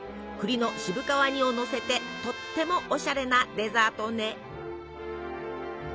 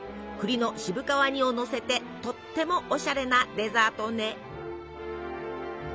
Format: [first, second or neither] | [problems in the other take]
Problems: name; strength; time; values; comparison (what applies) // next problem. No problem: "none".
second | background sound (Trumpet); 11 dB below the speech